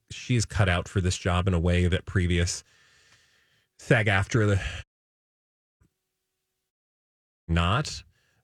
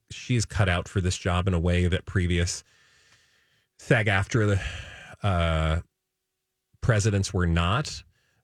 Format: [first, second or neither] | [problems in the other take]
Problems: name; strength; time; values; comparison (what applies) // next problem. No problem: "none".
second | audio cutting out; at 5 s for 1 s and at 6.5 s for 1 s